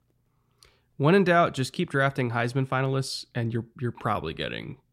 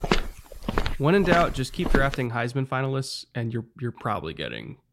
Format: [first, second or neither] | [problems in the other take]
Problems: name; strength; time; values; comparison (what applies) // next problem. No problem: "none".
first | footsteps; noticeable; until 2 s; peak 1 dB below the speech